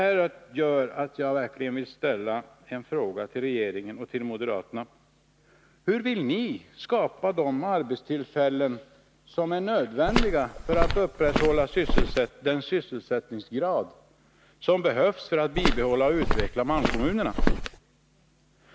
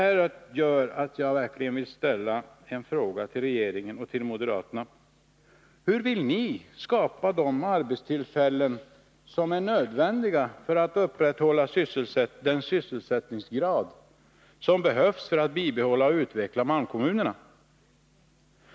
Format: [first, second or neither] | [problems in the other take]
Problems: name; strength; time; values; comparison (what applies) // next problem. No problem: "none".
second | background sound (Walk, footsteps); 2 dB above the speech